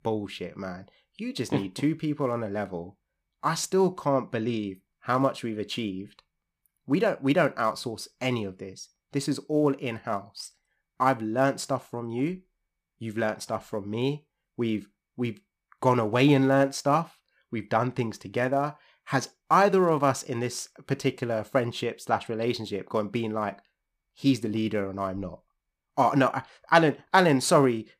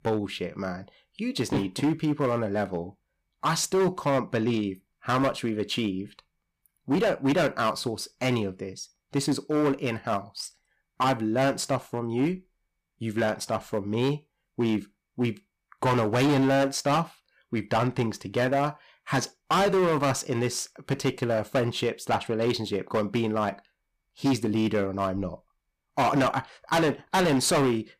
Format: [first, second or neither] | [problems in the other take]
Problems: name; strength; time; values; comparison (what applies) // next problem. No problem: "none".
first | distortion; heavy; 9% of the sound clipped